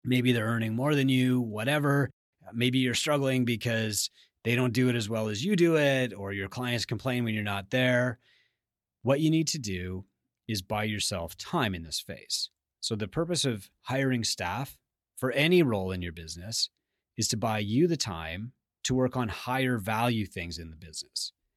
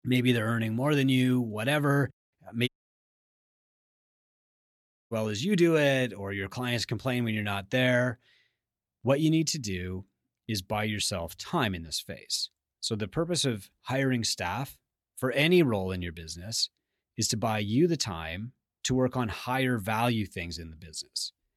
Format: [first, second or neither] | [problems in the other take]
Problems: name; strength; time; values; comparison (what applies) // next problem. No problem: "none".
first | audio cutting out; at 2.5 s for 2.5 s